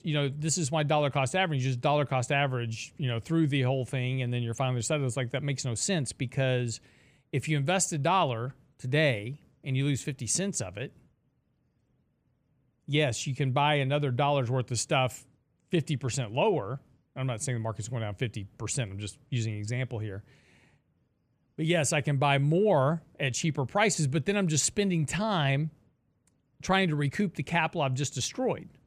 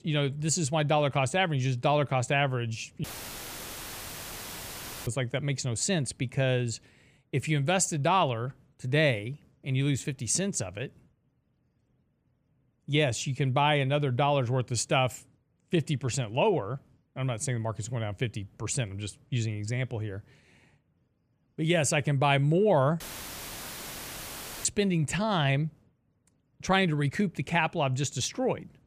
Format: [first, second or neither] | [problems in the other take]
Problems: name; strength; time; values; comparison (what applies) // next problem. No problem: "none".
first | audio cutting out; filled with static; at 3 s for 2 s and at 23 s for 1.5 s